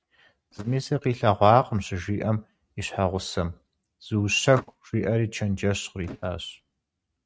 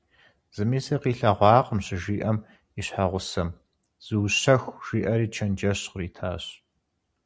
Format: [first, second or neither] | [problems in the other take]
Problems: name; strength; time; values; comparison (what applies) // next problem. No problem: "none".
second | noise reduction (neural mask model RNNoise)